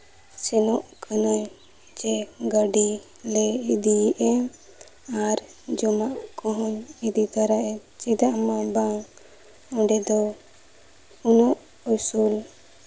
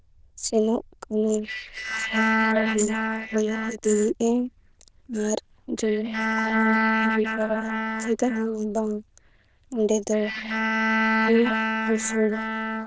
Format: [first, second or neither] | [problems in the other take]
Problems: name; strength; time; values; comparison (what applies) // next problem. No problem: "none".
first | noise reduction (neural diffusion model UNIVERSE++)